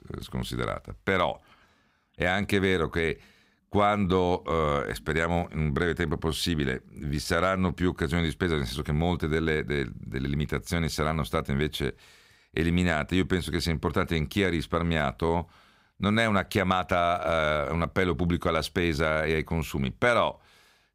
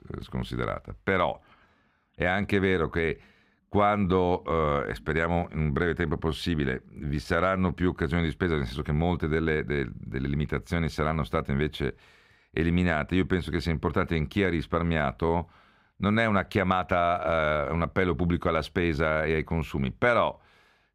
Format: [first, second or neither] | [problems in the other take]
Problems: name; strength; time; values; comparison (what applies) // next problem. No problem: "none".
first | muffled; slightly; fading above 4 kHz